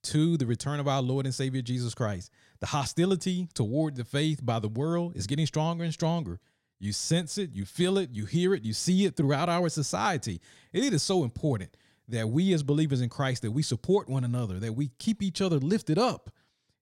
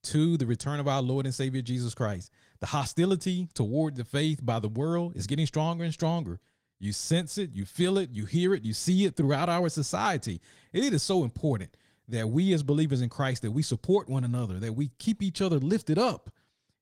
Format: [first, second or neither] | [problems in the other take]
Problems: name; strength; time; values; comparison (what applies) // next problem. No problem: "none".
first | garbled, watery; slightly; nothing above 16 kHz